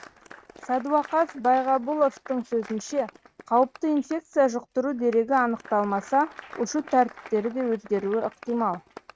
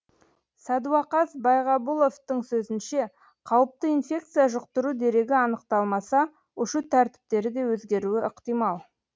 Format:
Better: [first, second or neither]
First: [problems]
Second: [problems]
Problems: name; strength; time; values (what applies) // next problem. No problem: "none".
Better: second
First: noise reduction (neural mask model RNNoise)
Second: none